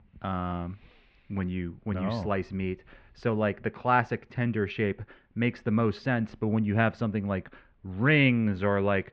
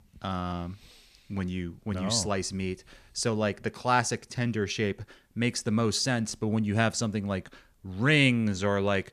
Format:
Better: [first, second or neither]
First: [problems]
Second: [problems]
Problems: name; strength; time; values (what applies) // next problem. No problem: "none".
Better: second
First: muffled; very; fading above 2.5 kHz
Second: none